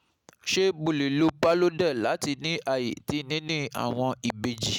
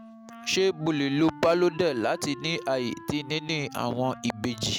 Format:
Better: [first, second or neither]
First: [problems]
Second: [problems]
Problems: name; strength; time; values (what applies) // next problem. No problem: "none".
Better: first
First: none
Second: background sound (Wind instrument, woodwind instrument); 17 dB below the speech